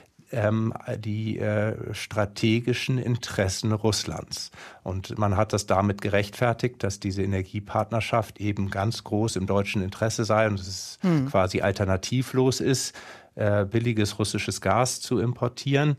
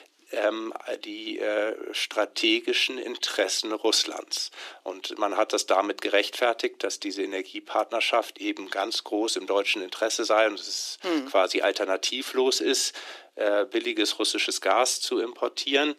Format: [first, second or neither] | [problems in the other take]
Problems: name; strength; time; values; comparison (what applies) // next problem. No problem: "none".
first | thin; very; fading below 300 Hz